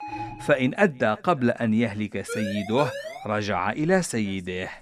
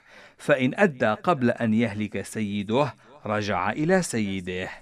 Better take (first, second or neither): second